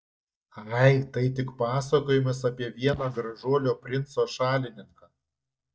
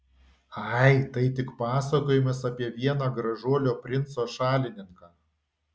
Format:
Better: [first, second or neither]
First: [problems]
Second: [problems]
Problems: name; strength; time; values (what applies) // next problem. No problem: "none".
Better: second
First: noise reduction (neural mask model DeepFilterNet 3)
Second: none